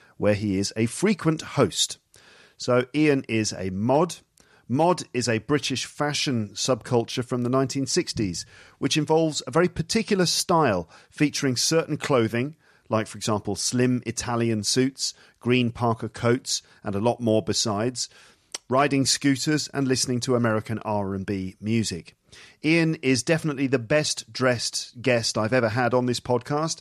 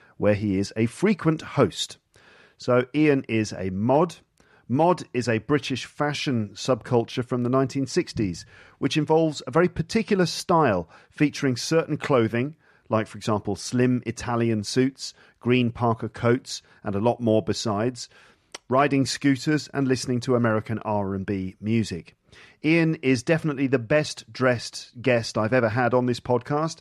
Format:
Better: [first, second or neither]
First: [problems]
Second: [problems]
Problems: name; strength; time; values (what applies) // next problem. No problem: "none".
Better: first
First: none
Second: muffled; very slightly; fading above 4 kHz